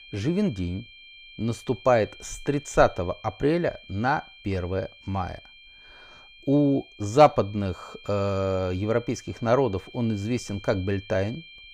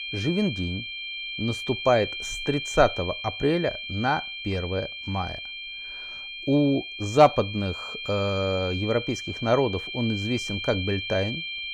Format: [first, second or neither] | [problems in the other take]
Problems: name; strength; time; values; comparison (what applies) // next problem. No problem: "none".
first | high-pitched whine; loud; throughout; 2.5 kHz, 6 dB below the speech; faint in the first